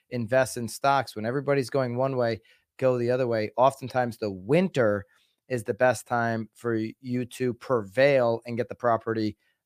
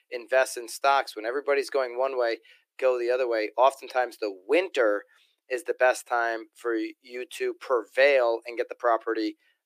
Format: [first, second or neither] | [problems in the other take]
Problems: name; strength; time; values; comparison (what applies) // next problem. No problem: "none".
first | thin; very; fading below 300 Hz